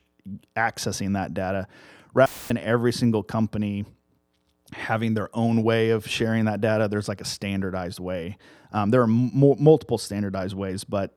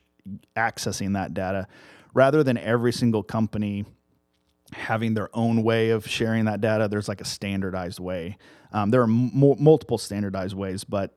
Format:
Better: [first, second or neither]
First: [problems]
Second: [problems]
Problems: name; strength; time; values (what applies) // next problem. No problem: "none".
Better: second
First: audio cutting out; filled with static; at 2.5 s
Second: none